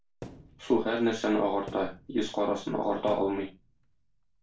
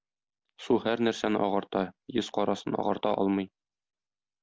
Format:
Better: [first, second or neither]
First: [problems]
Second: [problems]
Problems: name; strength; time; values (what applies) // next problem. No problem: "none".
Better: second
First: background sound (Thump, thud); 20 dB below the speech // room echo; dies away in 0.3 s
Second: none